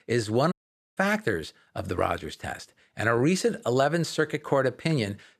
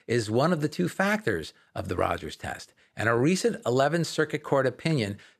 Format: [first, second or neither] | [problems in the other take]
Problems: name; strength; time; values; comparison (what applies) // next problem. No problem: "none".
second | audio cutting out; at 0.5 s